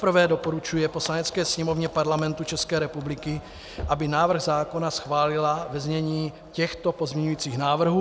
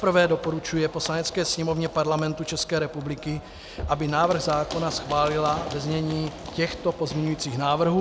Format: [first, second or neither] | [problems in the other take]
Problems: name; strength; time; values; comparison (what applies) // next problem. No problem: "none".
first | background sound (Run); 15 dB below the speech